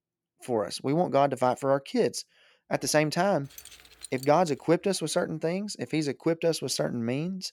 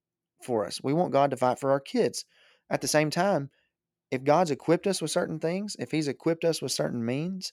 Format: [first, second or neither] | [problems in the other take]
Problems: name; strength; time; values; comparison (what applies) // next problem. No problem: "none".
second | jangling keys; faint; from 3.5 to 4.5 s; peak 15 dB below the speech